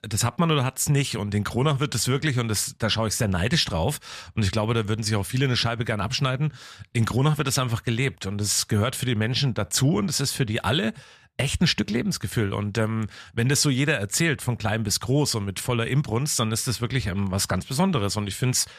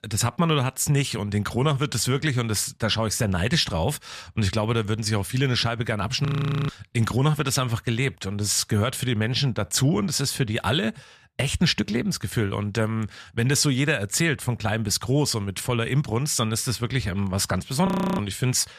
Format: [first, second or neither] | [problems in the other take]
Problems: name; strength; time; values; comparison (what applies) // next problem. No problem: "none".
first | audio freezing; at 6.5 s and at 18 s